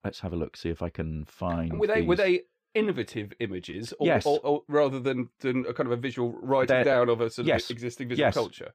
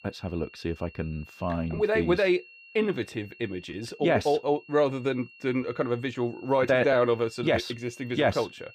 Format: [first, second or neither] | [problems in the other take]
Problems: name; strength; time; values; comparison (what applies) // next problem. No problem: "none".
first | high-pitched whine; faint; throughout; 2.5 kHz, 20 dB below the speech